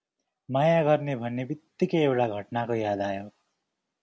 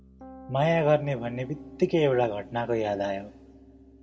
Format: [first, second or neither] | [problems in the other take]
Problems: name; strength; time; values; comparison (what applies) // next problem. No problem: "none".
first | background sound (Piano); 19 dB below the speech // room echo; dies away in 0.7 s